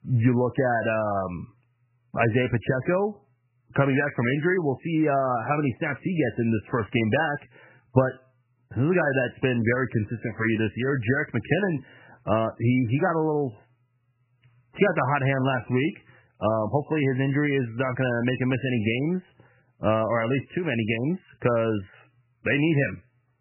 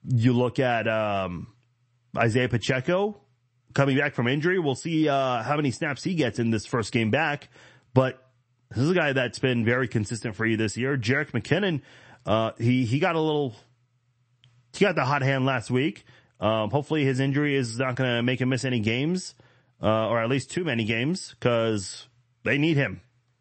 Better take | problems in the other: second | garbled, watery; badly; nothing above 3 kHz; slightly in the second

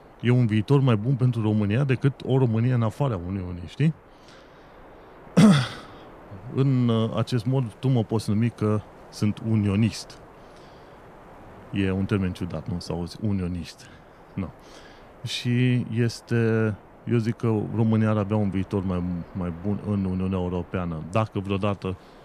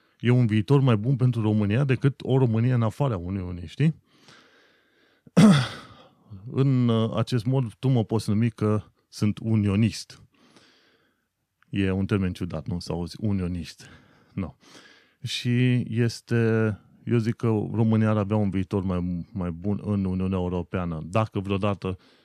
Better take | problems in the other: second | wind noise on the microphone; occasional gusts; 20 dB below the speech

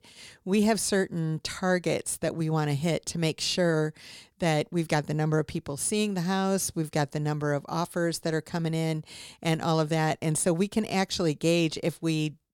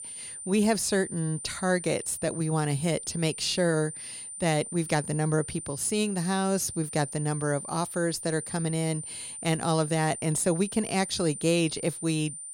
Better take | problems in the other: first | high-pitched whine; loud; throughout; 9 kHz, 9 dB below the speech

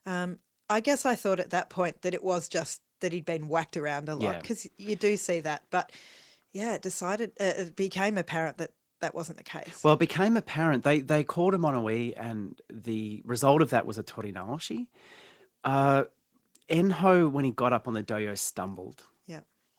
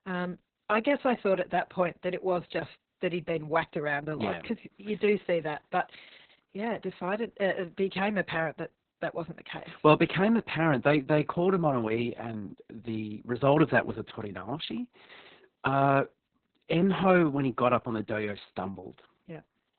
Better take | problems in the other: first | garbled, watery; badly; nothing above 4 kHz; slightly in the first

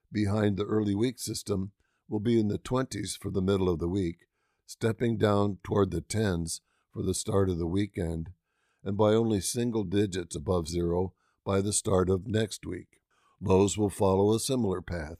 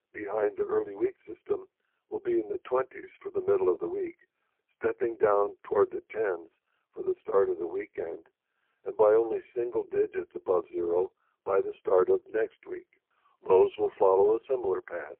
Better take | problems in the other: first | phone-call audio; poor line

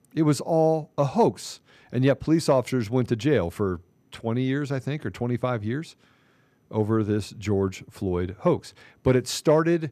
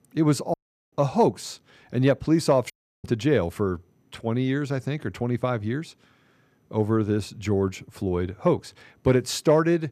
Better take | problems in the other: first | audio cutting out; at 0.5 s and at 2.5 s

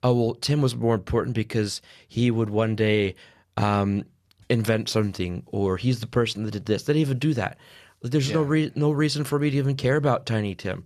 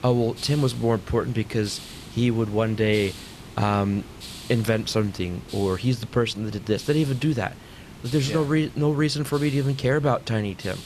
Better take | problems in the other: first | hiss; noticeable; throughout; 15 dB below the speech

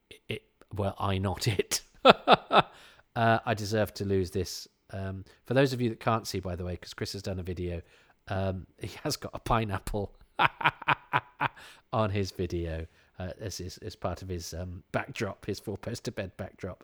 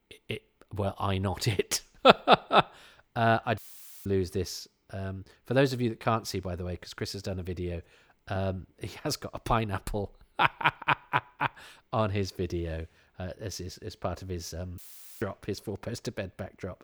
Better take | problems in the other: first | audio cutting out; filled with static; at 3.5 s and at 15 s

